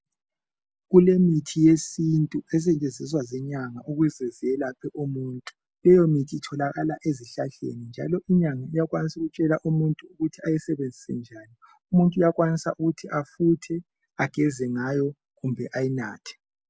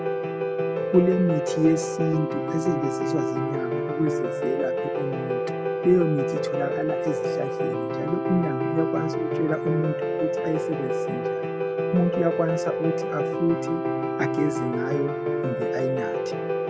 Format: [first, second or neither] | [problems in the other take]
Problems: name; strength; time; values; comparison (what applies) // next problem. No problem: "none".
first | background sound (Piano); 1 dB above the speech